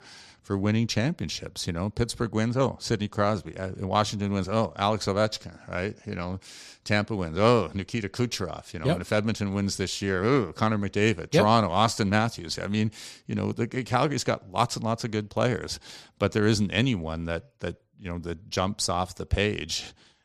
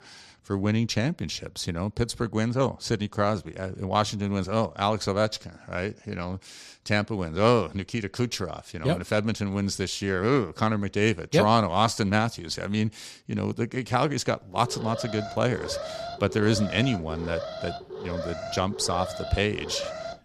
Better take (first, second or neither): first